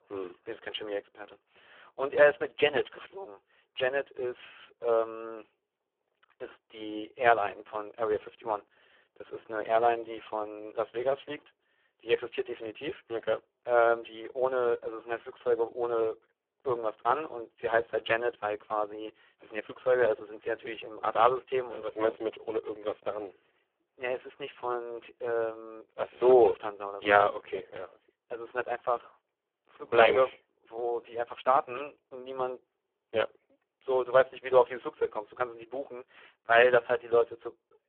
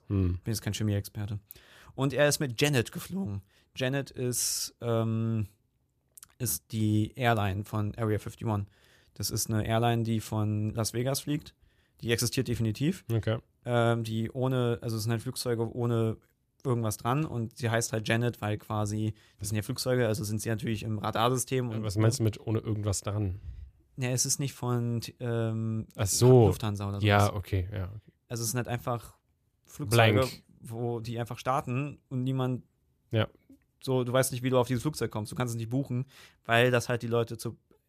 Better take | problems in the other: second | phone-call audio; poor line

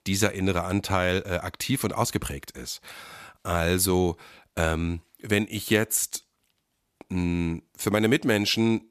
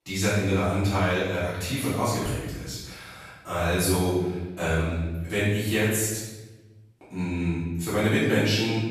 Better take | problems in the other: first | room echo; strong; dies away in 1.1 s // off-mic speech; far

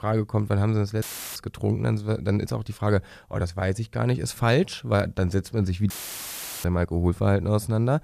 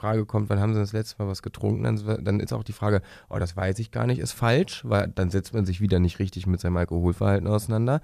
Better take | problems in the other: second | audio cutting out; filled with static; at 1 s and at 6 s for 0.5 s

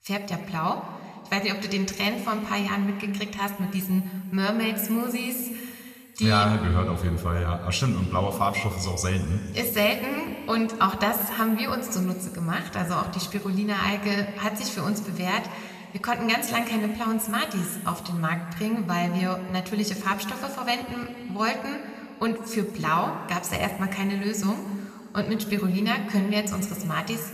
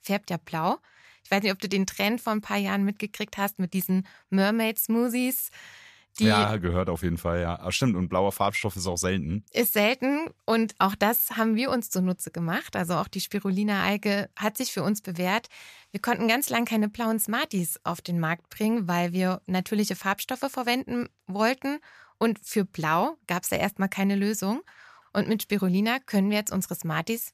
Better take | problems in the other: second | room echo; noticeable; dies away in 2.3 s

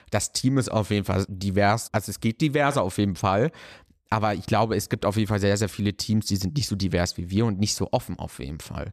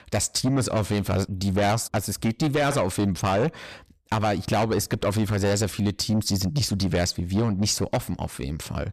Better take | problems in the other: first | distortion; heavy; 8 dB below the speech

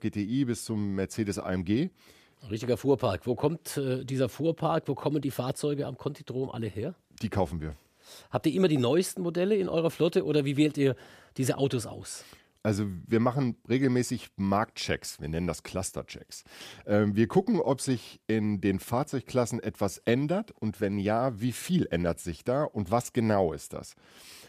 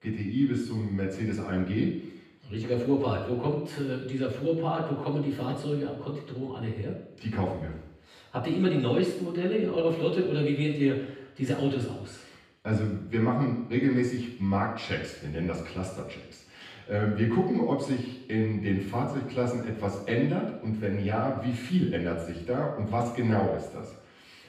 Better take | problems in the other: first | room echo; noticeable; dies away in 0.9 s // off-mic speech; far

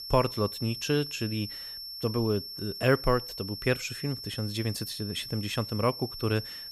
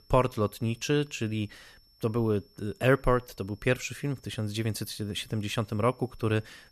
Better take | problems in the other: second | high-pitched whine; loud; throughout; 5.5 kHz, 7 dB below the speech; faint in the second

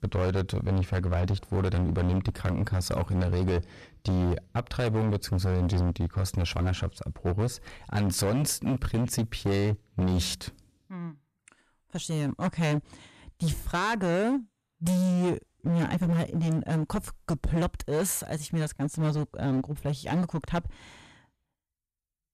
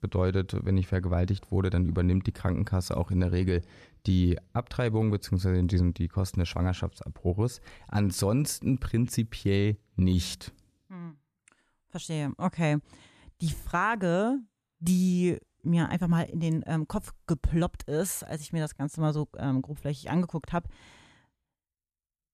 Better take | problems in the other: second | distortion; heavy; 16% of the sound clipped

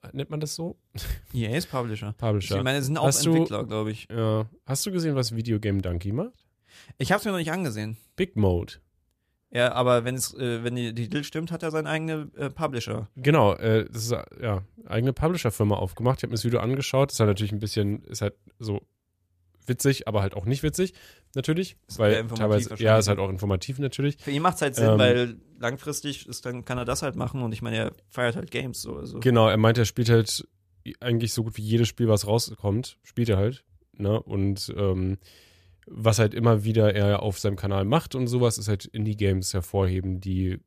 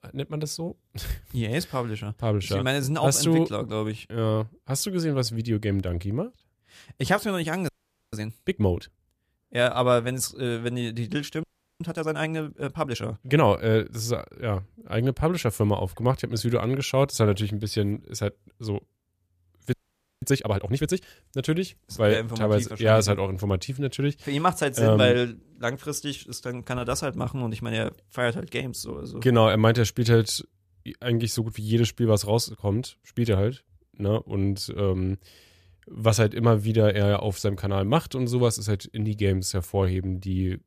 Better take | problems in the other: first | audio freezing; at 7.5 s, at 11 s and at 20 s

